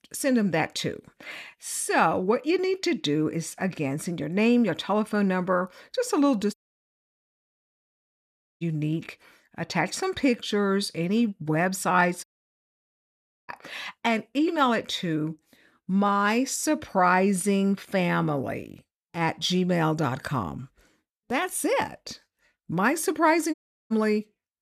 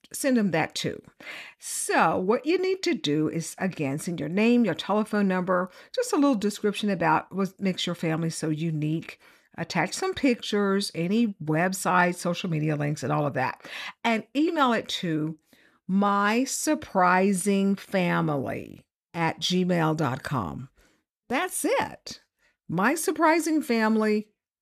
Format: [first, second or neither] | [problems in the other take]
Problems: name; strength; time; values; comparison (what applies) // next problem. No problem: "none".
second | audio cutting out; at 6.5 s for 2 s, at 12 s for 1 s and at 24 s